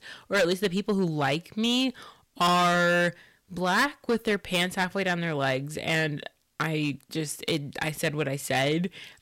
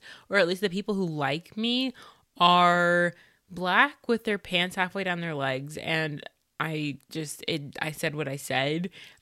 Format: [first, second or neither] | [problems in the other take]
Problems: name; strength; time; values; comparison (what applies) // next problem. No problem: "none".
second | distortion; heavy; 7% of the sound clipped